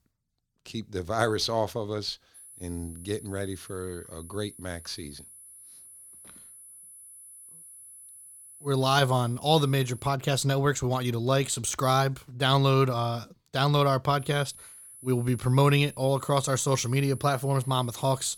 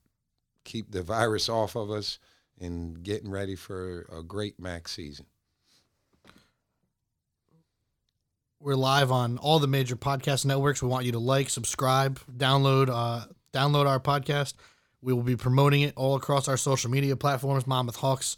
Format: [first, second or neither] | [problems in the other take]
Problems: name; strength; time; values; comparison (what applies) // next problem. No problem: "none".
second | high-pitched whine; noticeable; from 2.5 to 10 s and from 14 s on; 10 kHz, 20 dB below the speech